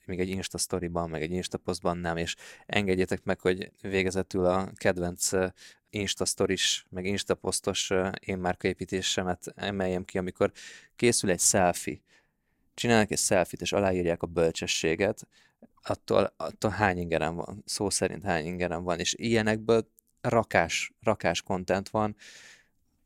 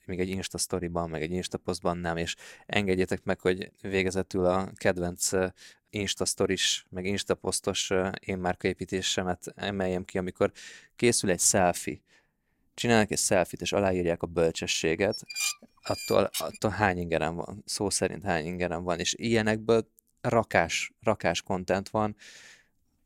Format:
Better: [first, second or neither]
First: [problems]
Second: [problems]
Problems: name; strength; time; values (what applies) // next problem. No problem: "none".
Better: first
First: none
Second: clattering dishes; noticeable; from 15 to 17 s; peak 1 dB below the speech